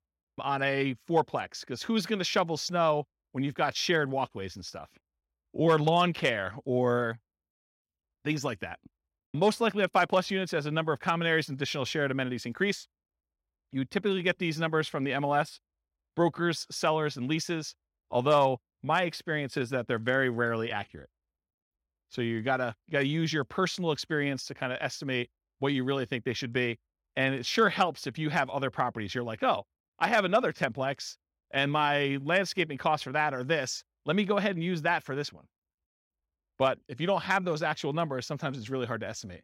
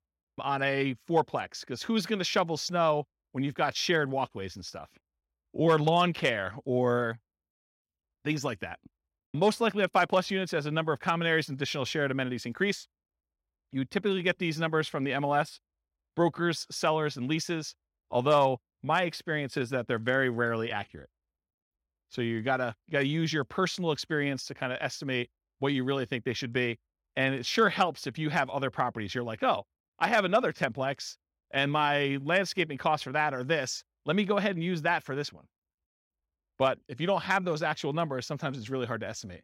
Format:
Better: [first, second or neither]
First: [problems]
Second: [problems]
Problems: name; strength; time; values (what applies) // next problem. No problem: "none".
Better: neither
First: none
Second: none